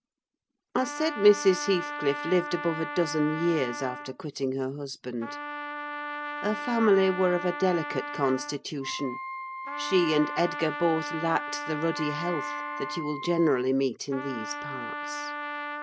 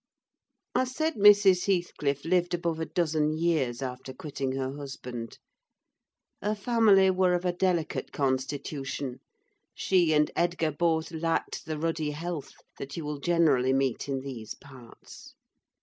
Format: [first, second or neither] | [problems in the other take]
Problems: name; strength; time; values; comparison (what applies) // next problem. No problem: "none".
second | background sound (Wind instrument, woodwind instrument + Trumpet); 8 dB below the speech